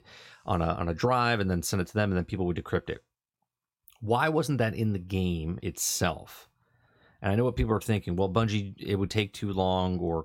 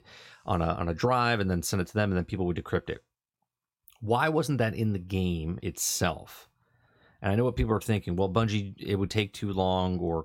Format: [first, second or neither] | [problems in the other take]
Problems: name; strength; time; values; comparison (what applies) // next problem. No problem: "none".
neither | none